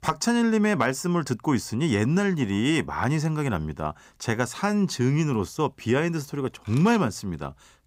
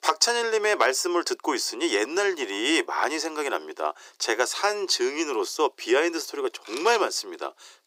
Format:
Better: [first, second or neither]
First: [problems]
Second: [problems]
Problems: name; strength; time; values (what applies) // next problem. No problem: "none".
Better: first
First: none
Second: thin; very; fading below 350 Hz